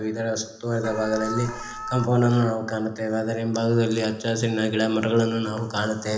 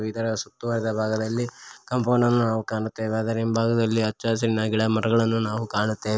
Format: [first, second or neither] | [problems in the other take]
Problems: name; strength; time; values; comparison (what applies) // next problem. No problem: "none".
second | background sound (Alarm); 9 dB below the speech // room echo; dies away in 0.8 s